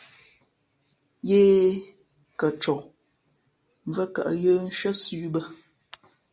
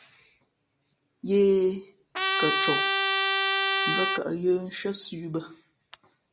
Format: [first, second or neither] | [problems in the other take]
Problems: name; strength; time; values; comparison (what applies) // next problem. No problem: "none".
first | background sound (Trumpet); 4 dB above the speech